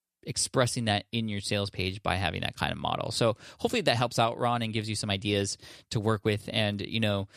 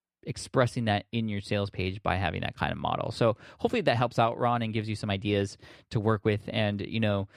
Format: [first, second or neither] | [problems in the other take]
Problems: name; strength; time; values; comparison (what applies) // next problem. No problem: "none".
first | muffled; slightly; fading above 3.5 kHz